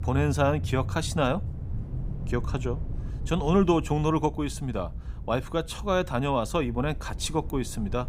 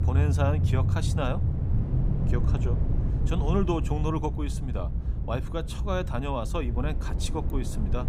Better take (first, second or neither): first